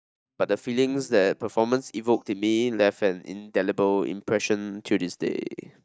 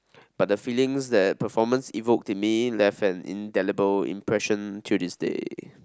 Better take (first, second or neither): second